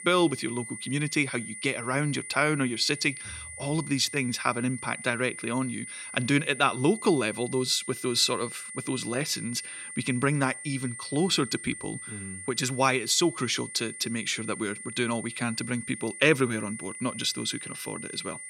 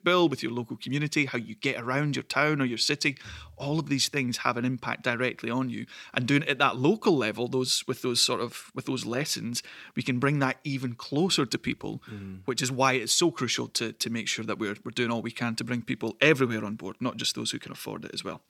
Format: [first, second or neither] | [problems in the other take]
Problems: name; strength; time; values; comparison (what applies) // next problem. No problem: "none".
second | high-pitched whine; noticeable; throughout; 2 kHz, 10 dB below the speech